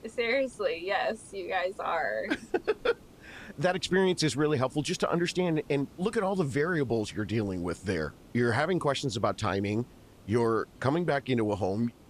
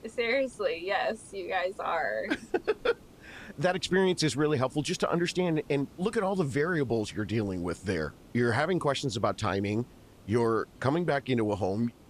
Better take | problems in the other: neither | hiss; faint; throughout; 25 dB below the speech; the same in both

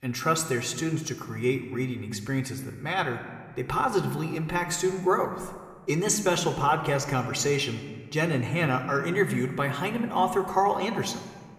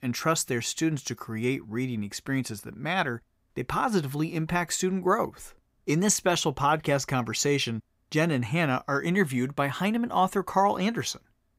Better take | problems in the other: second | room echo; slight; dies away in 1.3 s

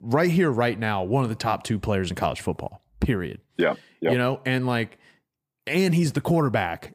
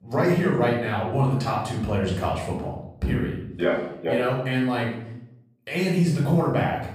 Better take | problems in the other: first | off-mic speech; far // room echo; noticeable; dies away in 0.7 s

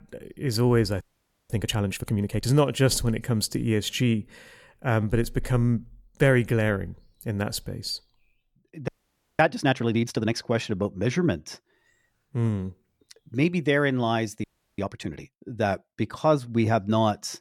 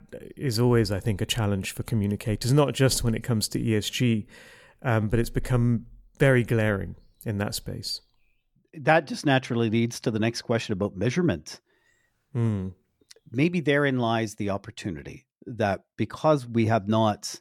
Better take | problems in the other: second | audio freezing; at 1 s, at 9 s for 0.5 s and at 14 s

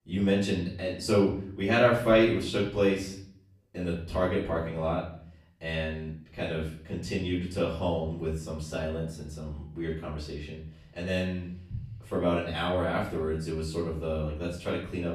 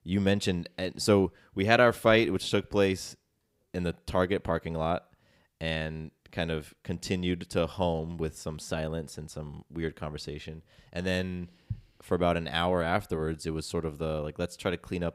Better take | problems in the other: second | room echo; noticeable; dies away in 0.6 s // off-mic speech; far

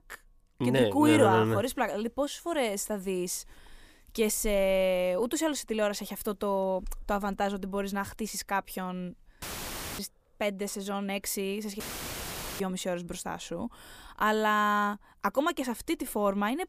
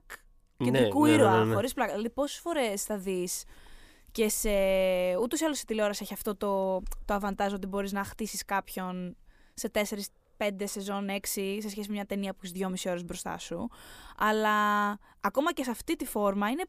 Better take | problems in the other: second | audio cutting out; filled with static; at 9.5 s for 0.5 s and at 12 s for 1 s

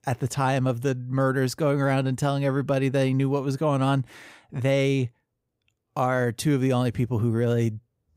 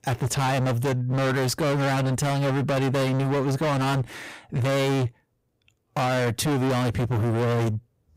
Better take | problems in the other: first | distortion; heavy; 40% of the sound clipped

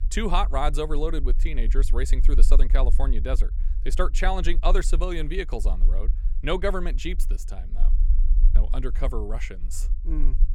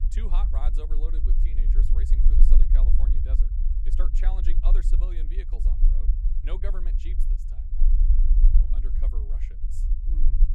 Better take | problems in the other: first | low rumble; loud; throughout; 3 dB below the speech; faint in the first

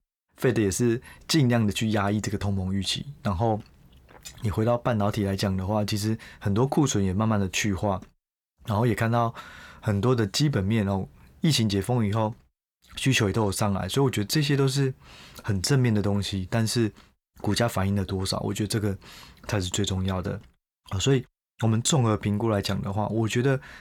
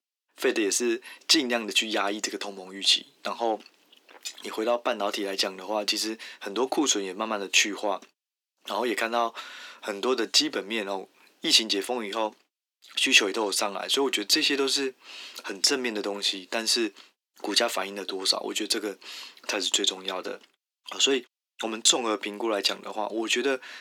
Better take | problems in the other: first | thin; somewhat; fading below 250 Hz

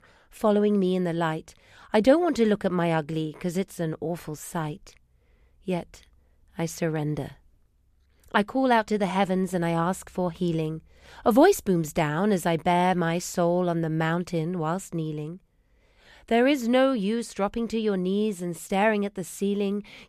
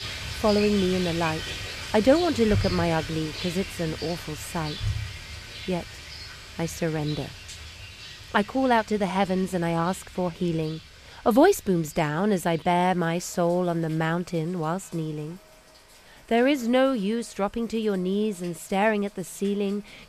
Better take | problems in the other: first | rain or running water; loud; throughout; 9 dB below the speech

